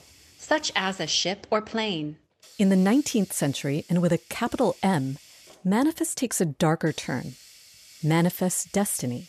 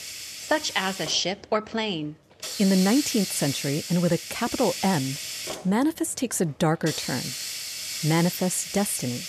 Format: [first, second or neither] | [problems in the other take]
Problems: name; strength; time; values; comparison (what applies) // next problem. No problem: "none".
first | hiss; loud; throughout; 6 dB below the speech; faint in the first